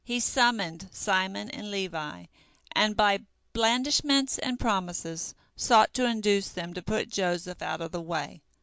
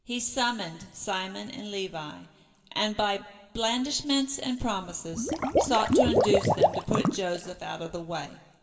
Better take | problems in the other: first | background sound (Water / Liquid); 4 dB above the speech // room echo; dies away in 2.7 s

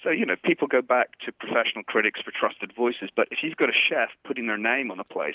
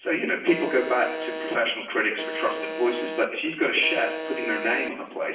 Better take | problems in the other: first | background sound (Alarm); 8 dB below the speech // room echo; dies away in 0.8 s

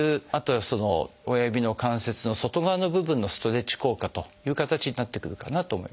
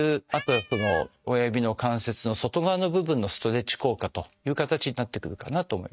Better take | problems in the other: first | noise reduction (neural mask model RNNoise)

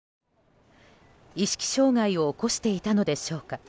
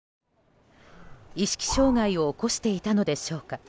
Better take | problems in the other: first | background sound (Breathing); 11 dB below the speech

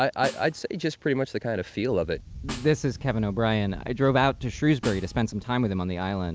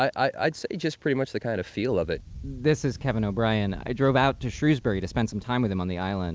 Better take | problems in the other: second | background sound (Snare drum); 18 dB below the speech

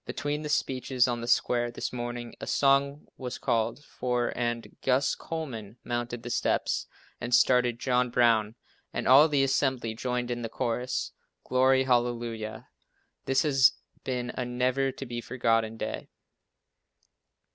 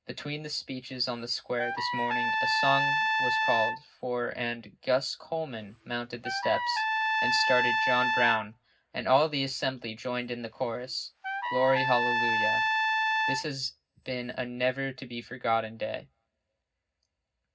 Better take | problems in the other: first | background sound (Trumpet); 2 dB above the speech // room echo; dies away in 0.4 s

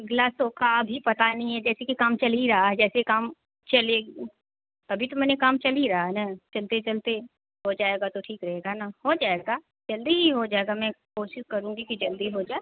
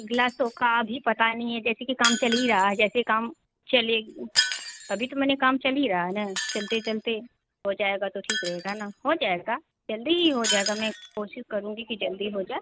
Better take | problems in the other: first | background sound (Shatter); 9 dB below the speech

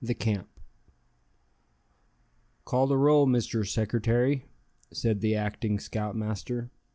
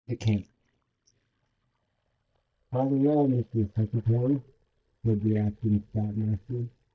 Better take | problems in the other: first | noise reduction (neural mask model DeepFilterNet 3)

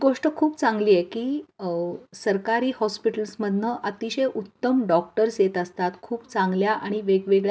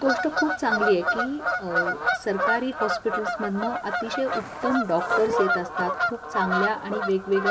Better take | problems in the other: first | background sound (Bird vocalization, bird call, bird song / Fowl); as loud as the speech

